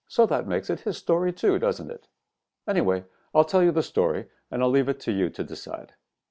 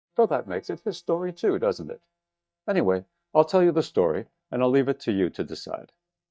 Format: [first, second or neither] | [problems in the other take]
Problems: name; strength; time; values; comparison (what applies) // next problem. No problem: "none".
first | noise reduction (neural mask model DeepFilterNet 3)